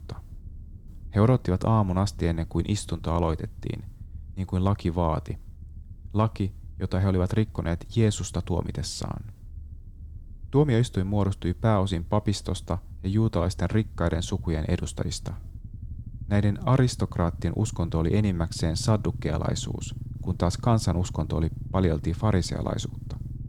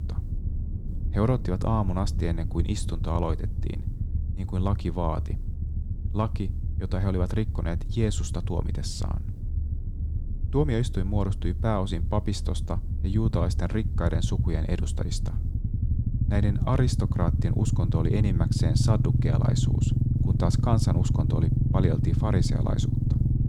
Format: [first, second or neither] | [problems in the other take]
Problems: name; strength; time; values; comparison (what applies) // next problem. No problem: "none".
first | low rumble; loud; throughout; 7 dB below the speech; faint in the first